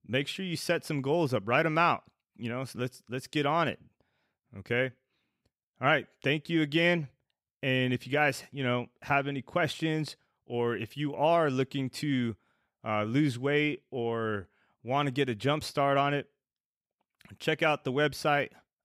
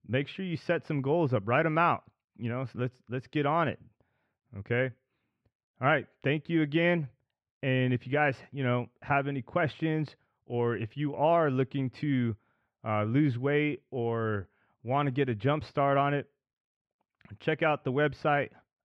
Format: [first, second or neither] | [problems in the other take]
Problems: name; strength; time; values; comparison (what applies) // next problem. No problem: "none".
first | muffled; slightly; fading above 2 kHz